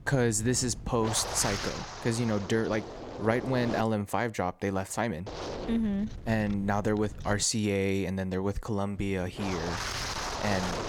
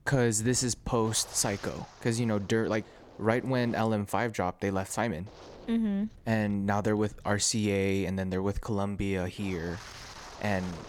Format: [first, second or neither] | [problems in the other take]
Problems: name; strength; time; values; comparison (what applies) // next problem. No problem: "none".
second | wind noise on the microphone; heavy; until 4 s, from 5.5 to 7.5 s and from 9 s on; 4 dB below the speech; occasional gusts in the second